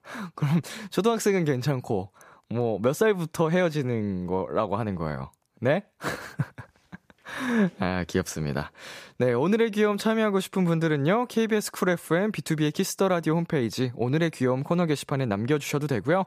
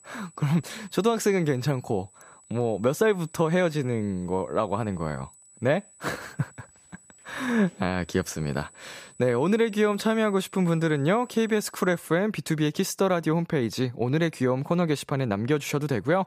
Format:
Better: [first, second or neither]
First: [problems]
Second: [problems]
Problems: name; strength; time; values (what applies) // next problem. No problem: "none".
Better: first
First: none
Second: high-pitched whine; faint; until 12 s; 8 kHz, 25 dB below the speech